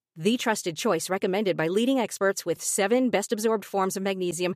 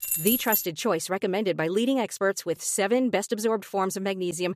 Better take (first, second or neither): first